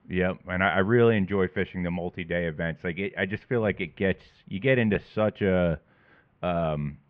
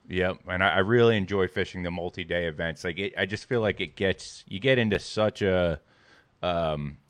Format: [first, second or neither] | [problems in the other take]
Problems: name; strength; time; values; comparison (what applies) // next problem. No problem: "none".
second | muffled; very; fading above 2.5 kHz